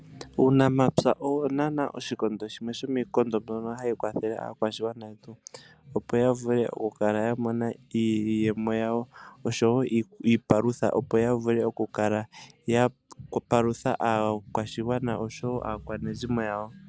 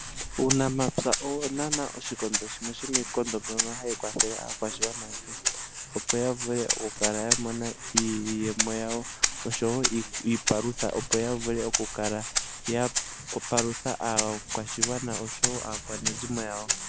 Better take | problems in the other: first | background sound (Rattle (instrument)); as loud as the speech

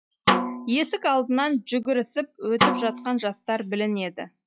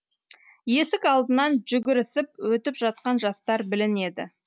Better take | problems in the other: second | noise reduction (classical method log-MMSE)

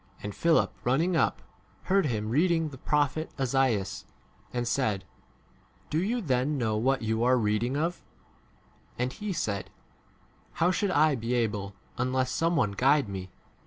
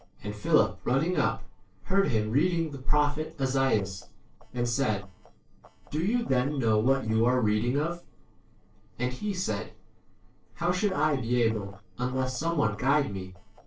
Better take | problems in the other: first | noise reduction (neural separator model SepFormer DNS4)

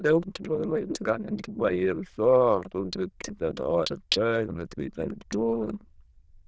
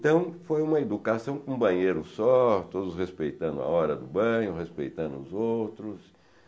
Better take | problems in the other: second | noise reduction (neural diffusion model UNIVERSE++)

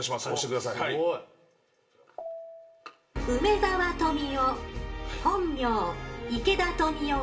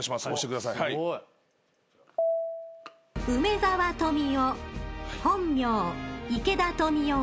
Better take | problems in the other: second | background sound (Wind instrument, woodwind instrument); 15 dB below the speech // room echo; dies away in 0.4 s

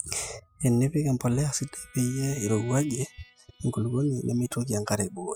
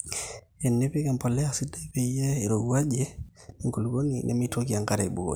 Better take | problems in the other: second | noise reduction (classical method spectral subtraction)

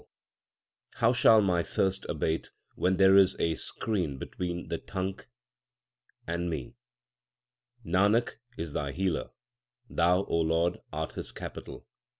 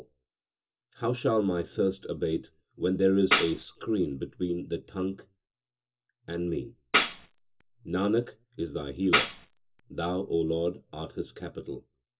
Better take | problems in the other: first | background sound (Tambourine); 1 dB below the speech // room echo; dies away in 0.2 s

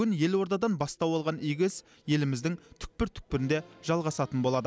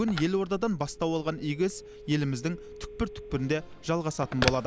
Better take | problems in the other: first | background sound (Telephone); 9 dB below the speech

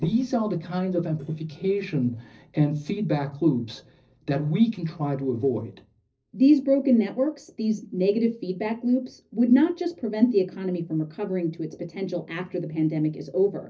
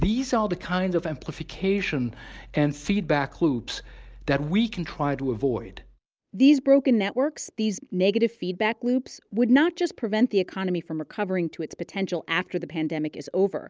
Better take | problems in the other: second | noise reduction (neural separator model SepFormer DNS4)

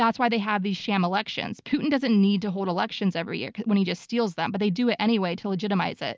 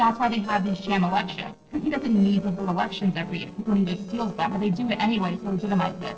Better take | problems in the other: first | noise reduction (neural separator model SepFormer DNS4)

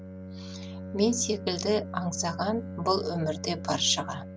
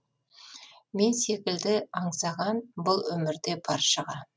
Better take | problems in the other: second | background sound (Bowed string instrument); 9 dB below the speech

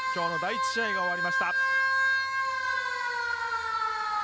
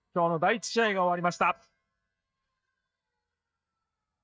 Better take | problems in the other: first | noise reduction (neural mask model DeepFilterNet 3)

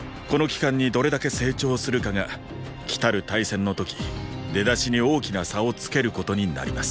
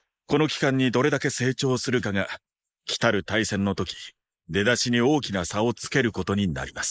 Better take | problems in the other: first | noise reduction (neural mask model Resemble Enhance denoiser)

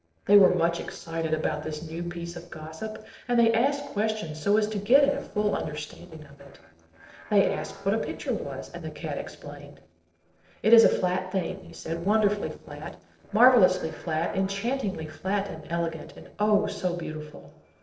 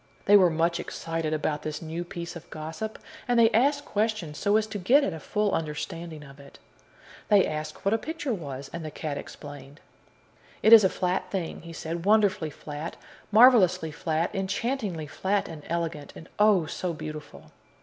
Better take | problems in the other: second | noise reduction (neural separator model SepFormer DNS4)

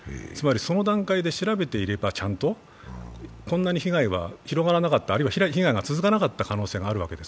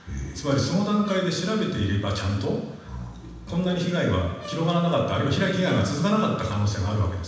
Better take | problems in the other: first | background sound (Brass instrument); 18 dB below the speech // room echo; dies away in 1.1 s

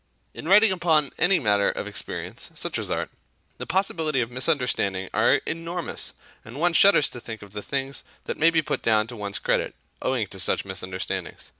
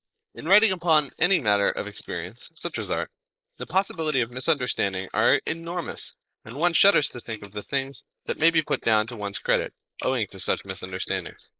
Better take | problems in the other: first | noise reduction (neural mask model Resemble Enhance denoiser)

